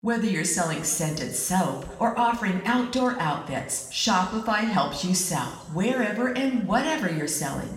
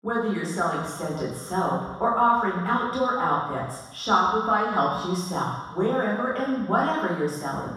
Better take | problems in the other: first | room echo; strong; dies away in 1.2 s; slight in the first // off-mic speech; far; somewhat distant in the first

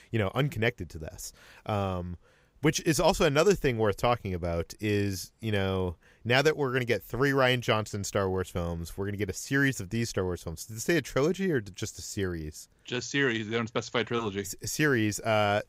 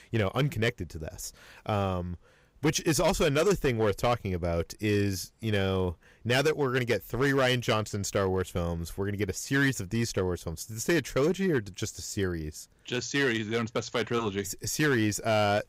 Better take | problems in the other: first | distortion; slight; 4% of the sound clipped

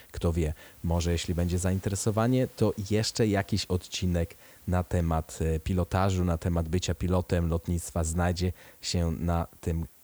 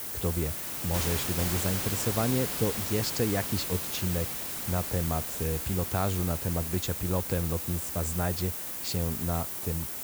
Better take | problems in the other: first | hiss; loud; throughout; as loud as the speech; faint in the first

